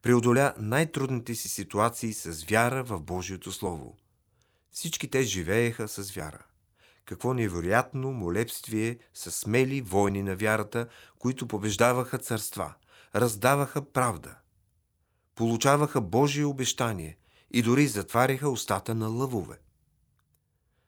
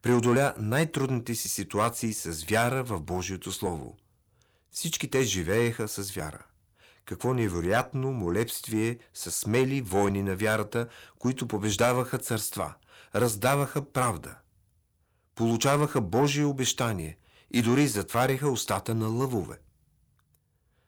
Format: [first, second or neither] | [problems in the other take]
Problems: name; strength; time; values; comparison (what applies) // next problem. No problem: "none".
first | distortion; slight; 10 dB below the speech